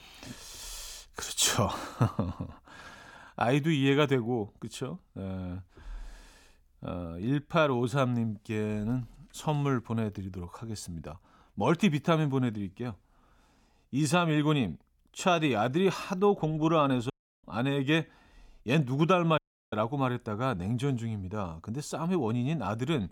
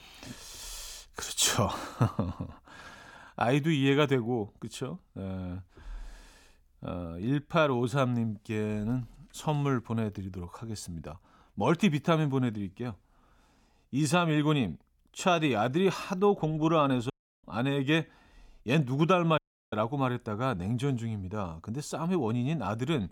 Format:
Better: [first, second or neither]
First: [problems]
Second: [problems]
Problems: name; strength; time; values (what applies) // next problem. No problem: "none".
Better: neither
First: audio cutting out; at 17 s and at 19 s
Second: audio cutting out; at 17 s and at 19 s